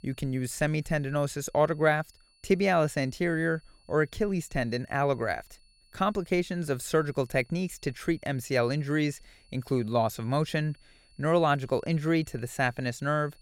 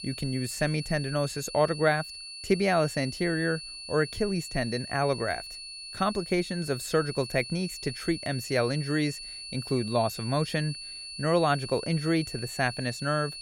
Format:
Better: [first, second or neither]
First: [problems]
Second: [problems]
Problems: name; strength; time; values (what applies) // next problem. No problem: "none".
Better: first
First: high-pitched whine; faint; throughout; 4.5 kHz, 35 dB below the speech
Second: high-pitched whine; loud; throughout; 4.5 kHz, 9 dB below the speech